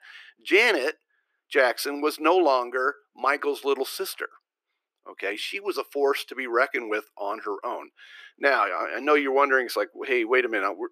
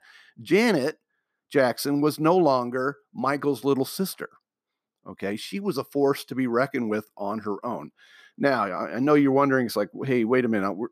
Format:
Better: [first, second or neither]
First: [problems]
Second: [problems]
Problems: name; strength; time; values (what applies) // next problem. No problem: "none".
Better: second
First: thin; somewhat; fading below 350 Hz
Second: none